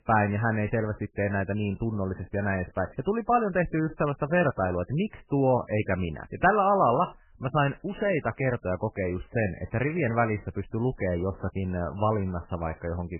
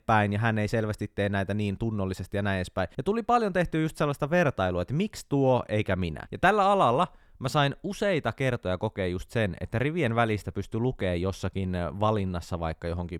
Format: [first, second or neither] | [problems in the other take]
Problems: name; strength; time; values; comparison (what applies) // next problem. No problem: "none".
second | garbled, watery; badly; nothing above 3 kHz